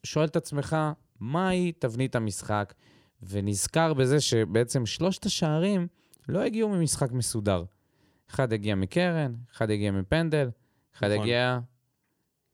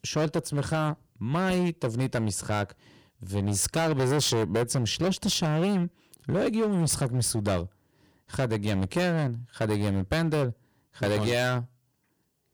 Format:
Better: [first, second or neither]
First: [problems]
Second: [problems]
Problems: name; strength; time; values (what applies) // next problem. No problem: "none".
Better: first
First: none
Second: distortion; heavy; 13% of the sound clipped